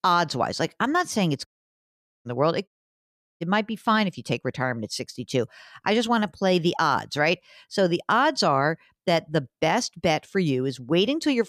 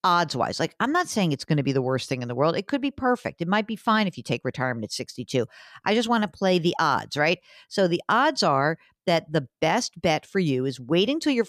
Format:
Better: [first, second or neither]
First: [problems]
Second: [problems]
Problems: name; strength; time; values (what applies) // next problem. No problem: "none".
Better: second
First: audio cutting out; at 1.5 s for 1 s and at 2.5 s for 0.5 s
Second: none